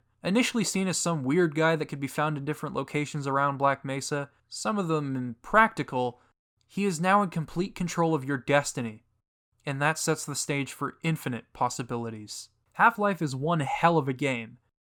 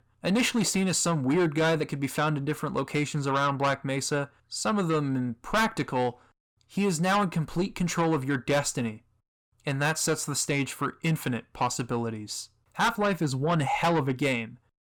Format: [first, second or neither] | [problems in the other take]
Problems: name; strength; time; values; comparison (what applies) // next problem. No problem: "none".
first | distortion; heavy; 7 dB below the speech